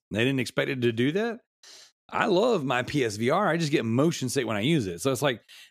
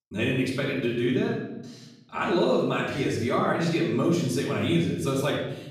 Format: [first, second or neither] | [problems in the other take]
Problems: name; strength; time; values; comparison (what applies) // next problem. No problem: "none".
first | off-mic speech; far // room echo; noticeable; dies away in 1 s